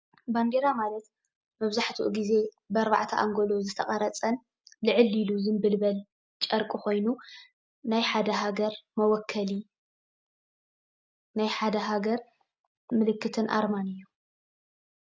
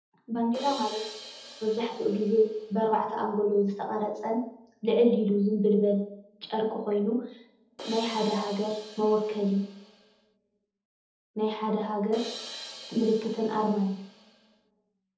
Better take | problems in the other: first | background sound (Crash cymbal); 15 dB below the speech // room echo; dies away in 0.7 s

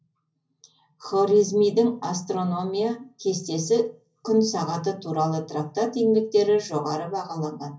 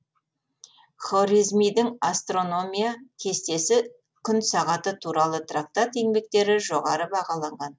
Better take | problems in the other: second | room echo; dies away in 0.5 s

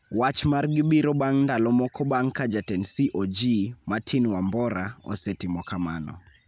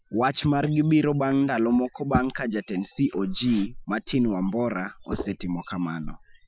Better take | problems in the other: first | noise reduction (classical method Wiener filter)

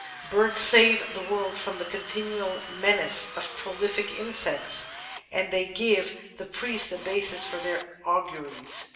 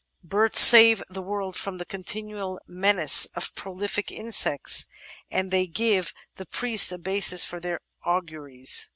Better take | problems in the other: second | background sound (Drill); 13 dB below the speech // room echo; dies away in 1 s

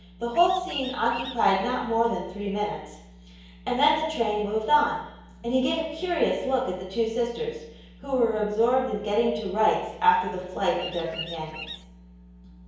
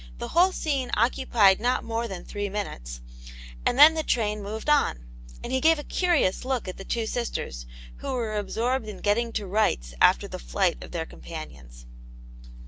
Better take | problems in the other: second | background sound (Bird vocalization, bird call, bird song); 12 dB below the speech // room echo; dies away in 1 s

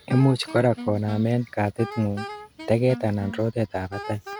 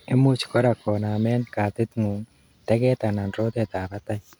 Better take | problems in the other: second | background sound (Wind instrument, woodwind instrument); 14 dB below the speech

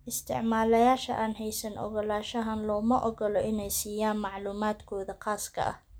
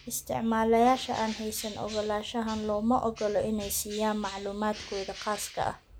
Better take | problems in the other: first | background sound (Bird); 17 dB below the speech

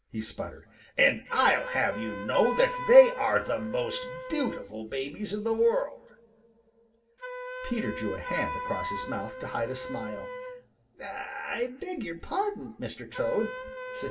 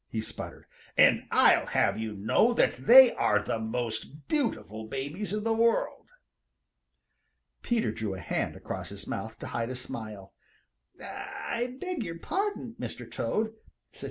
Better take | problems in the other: second | background sound (Wind instrument, woodwind instrument); 10 dB below the speech // room echo; dies away in 0.1 s

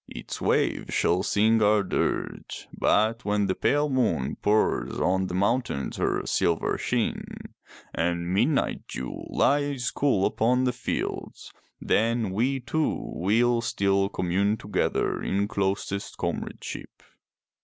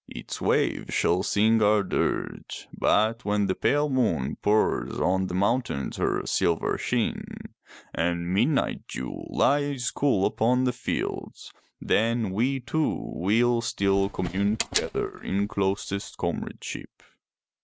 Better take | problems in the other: first | noise reduction (neural mask model RNNoise)

